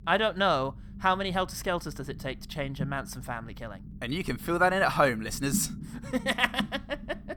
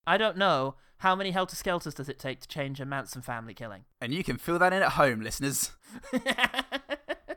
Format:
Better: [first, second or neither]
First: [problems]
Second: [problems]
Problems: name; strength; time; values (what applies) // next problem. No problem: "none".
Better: second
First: low rumble; faint; throughout; 20 dB below the speech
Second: none